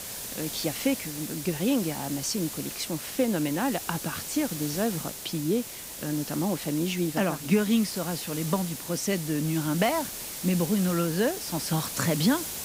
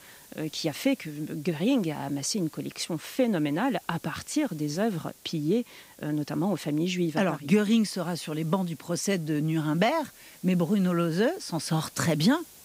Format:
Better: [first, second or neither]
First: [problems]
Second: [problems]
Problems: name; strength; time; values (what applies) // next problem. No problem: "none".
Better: second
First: hiss; loud; throughout; 6 dB below the speech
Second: hiss; faint; throughout; 25 dB below the speech